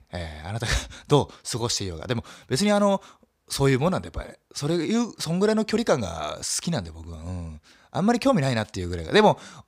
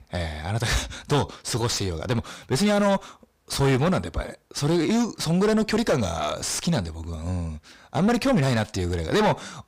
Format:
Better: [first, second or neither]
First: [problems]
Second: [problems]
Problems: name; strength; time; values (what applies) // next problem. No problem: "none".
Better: first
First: none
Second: distortion; heavy; 6 dB below the speech